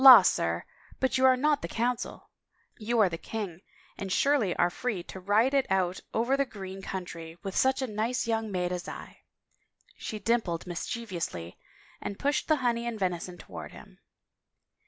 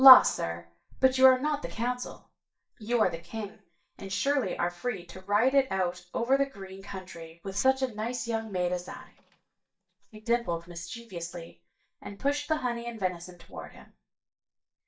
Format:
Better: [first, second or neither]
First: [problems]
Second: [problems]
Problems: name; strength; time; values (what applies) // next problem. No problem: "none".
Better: first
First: none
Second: noise reduction (neural mask model DeepFilterNet 3)